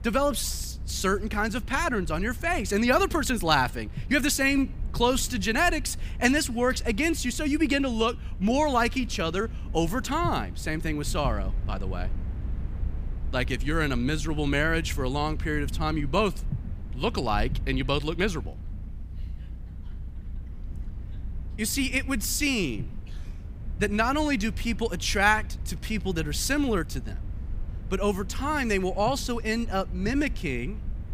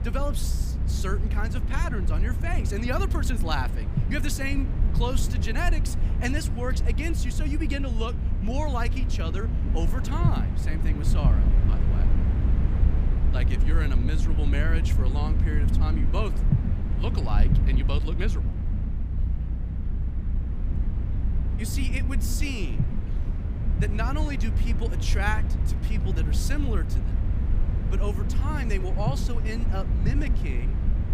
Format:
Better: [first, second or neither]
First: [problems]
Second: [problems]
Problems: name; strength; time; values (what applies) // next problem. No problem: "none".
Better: first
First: low rumble; faint; throughout; 25 dB below the speech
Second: low rumble; loud; throughout; 6 dB below the speech